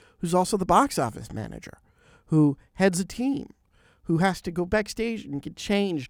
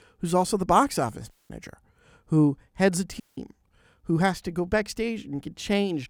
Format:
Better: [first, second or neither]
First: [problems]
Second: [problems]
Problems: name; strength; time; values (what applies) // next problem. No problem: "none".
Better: first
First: none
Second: audio cutting out; at 1.5 s and at 3 s